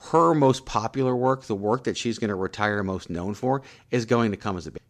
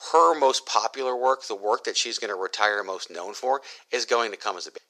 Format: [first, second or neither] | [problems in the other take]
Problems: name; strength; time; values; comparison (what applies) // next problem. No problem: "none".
first | thin; very; fading below 450 Hz